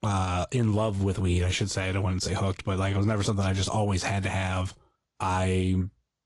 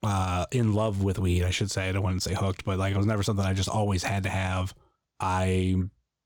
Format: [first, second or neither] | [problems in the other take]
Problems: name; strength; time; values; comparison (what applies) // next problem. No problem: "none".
second | garbled, watery; slightly; nothing above 11 kHz